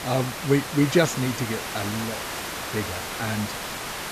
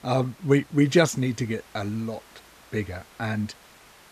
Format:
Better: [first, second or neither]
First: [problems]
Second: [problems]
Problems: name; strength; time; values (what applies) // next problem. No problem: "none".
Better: second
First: hiss; loud; throughout; 5 dB below the speech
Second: hiss; faint; throughout; 25 dB below the speech